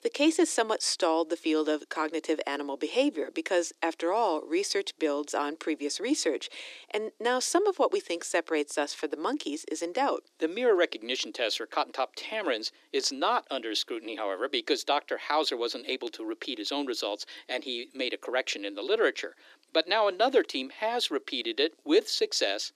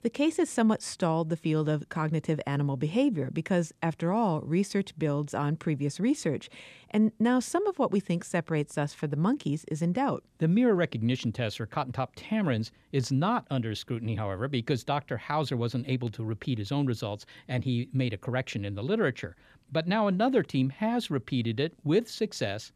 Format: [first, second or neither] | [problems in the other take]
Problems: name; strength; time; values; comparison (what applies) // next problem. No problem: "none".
second | thin; very; fading below 300 Hz